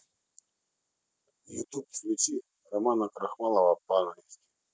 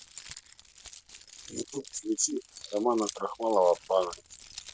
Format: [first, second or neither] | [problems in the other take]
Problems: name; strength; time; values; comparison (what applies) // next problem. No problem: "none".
first | background sound (Keys jangling); 16 dB below the speech